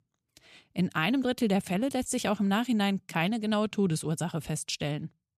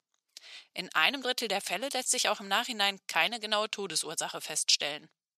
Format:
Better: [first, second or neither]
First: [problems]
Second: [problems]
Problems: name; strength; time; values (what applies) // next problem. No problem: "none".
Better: first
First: none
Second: thin; very; fading below 700 Hz